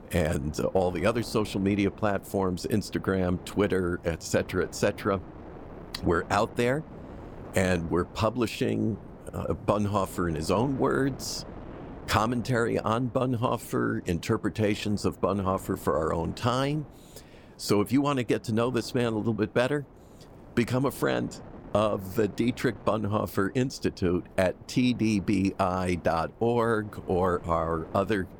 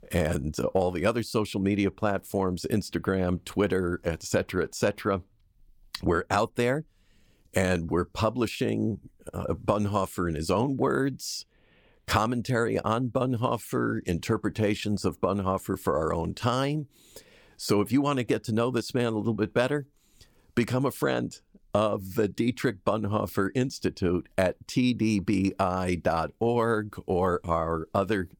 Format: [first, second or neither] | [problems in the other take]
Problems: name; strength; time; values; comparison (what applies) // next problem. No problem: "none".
second | wind noise on the microphone; occasional gusts; 20 dB below the speech